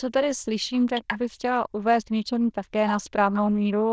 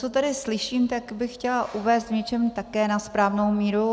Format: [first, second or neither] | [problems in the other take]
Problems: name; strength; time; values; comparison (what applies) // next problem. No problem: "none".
second | noise reduction (neural diffusion model UNIVERSE++)